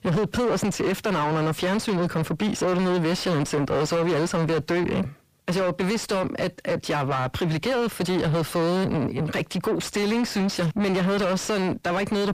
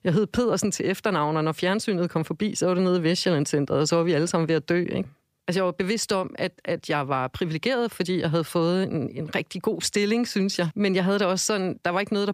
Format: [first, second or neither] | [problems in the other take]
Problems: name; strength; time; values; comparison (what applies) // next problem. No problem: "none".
second | distortion; heavy; 7 dB below the speech